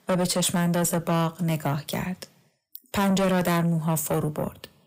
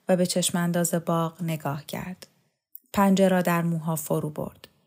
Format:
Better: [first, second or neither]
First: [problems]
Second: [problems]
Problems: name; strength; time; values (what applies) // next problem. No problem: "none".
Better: second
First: distortion; heavy; 7 dB below the speech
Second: none